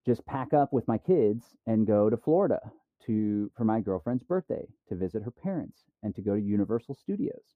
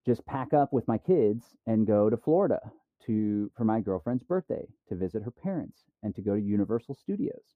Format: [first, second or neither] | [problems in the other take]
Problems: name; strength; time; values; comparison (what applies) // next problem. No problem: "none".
neither | muffled; very; fading above 1.5 kHz; the same in both